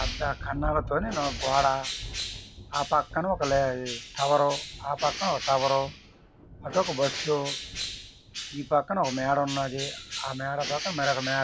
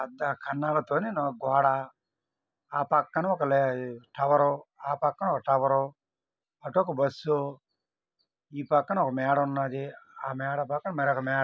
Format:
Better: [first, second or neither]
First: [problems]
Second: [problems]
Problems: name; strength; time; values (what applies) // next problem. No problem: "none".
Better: second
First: background sound (Bird + Thunder); 8 dB below the speech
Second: none